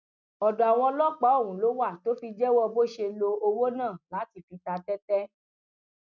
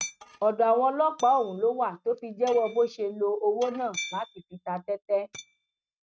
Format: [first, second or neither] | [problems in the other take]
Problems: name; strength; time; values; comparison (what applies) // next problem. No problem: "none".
first | noise reduction (neural mask model RNNoise)